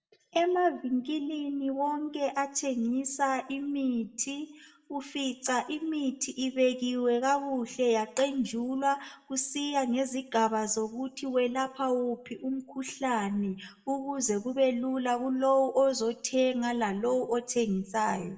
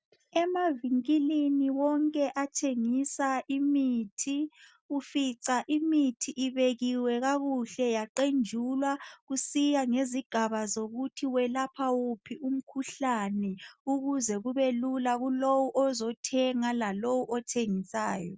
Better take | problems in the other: second | room echo; dies away in 0.5 s

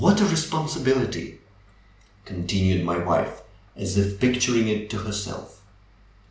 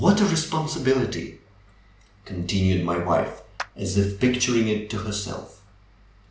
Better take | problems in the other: first | background sound (Clapping); 17 dB below the speech

